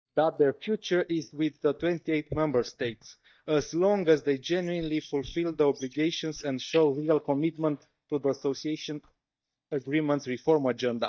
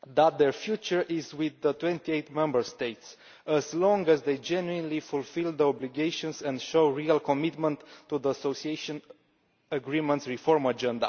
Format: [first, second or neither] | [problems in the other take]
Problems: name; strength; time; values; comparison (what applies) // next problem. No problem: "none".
second | noise reduction (neural mask model DeepFilterNet 3)